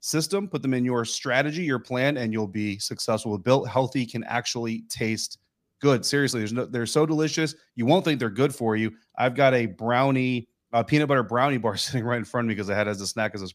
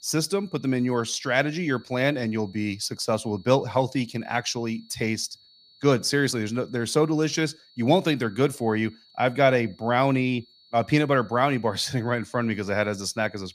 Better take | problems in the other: first | high-pitched whine; faint; throughout; 4.5 kHz, 30 dB below the speech

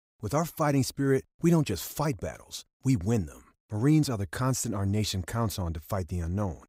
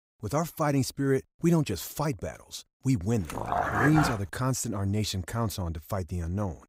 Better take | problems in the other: first | dog barking; loud; at 3.5 s; peak 2 dB above the speech

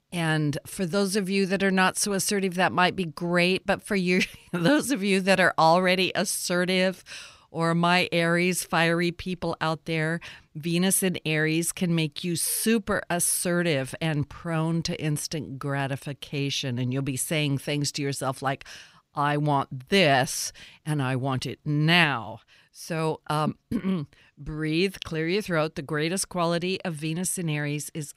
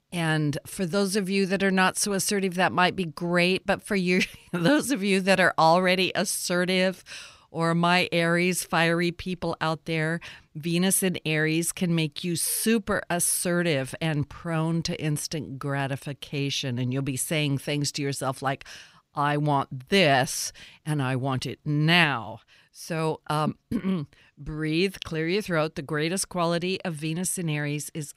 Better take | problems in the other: neither | none

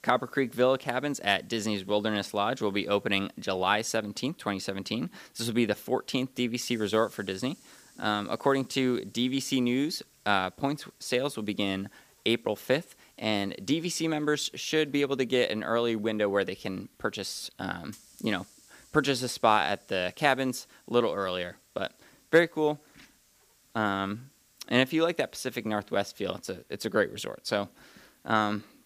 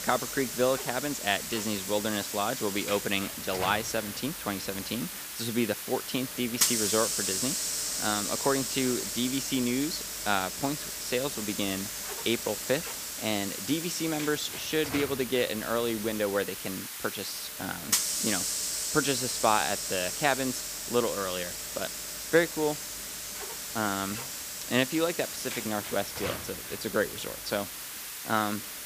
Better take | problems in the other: first | hiss; loud; throughout; 2 dB below the speech; faint in the first

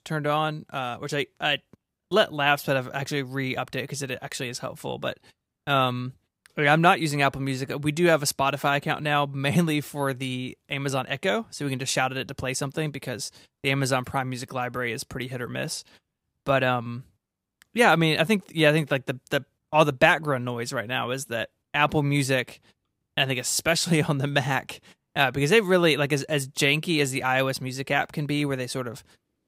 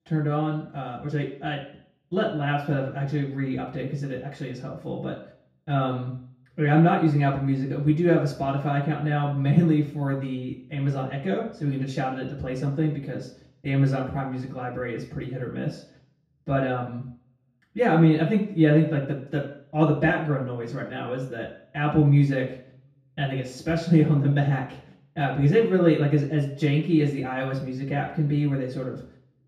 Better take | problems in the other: first | room echo; noticeable; dies away in 0.6 s // off-mic speech; far

